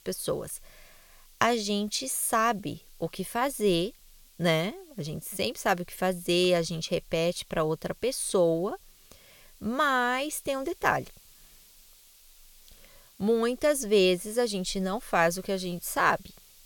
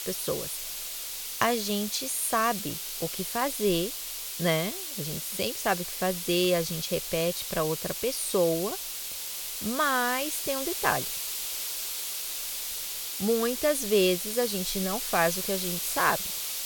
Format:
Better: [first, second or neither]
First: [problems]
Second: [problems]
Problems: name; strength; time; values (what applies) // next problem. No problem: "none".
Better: first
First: hiss; faint; throughout; 25 dB below the speech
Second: hiss; loud; throughout; 3 dB below the speech